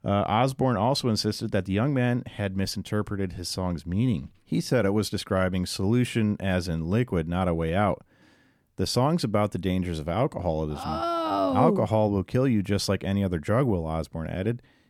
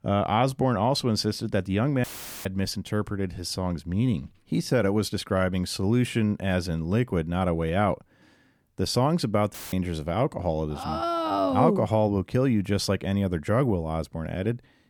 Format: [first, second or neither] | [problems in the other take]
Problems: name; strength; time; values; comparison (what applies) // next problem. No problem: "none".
first | audio cutting out; filled with static; at 2 s and at 9.5 s